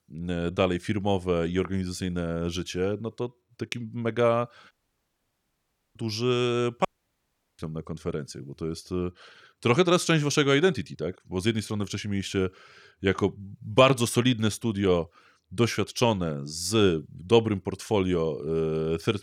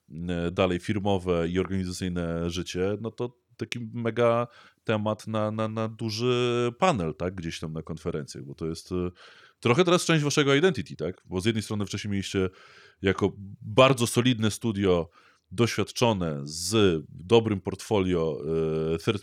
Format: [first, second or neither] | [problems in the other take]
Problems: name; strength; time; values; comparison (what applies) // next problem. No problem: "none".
second | audio cutting out; at 4.5 s for 1 s and at 7 s for 0.5 s